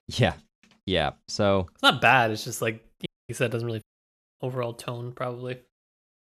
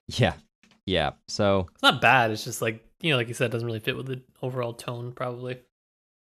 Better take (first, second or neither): second